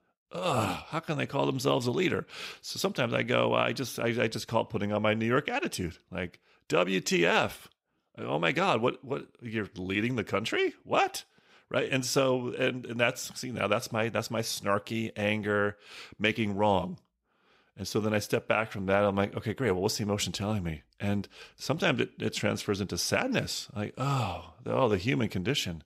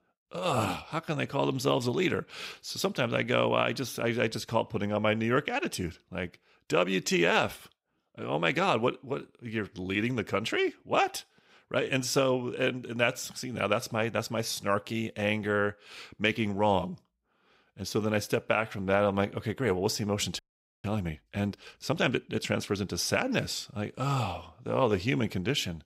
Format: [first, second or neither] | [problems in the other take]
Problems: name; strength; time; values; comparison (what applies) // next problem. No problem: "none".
first | audio freezing; at 20 s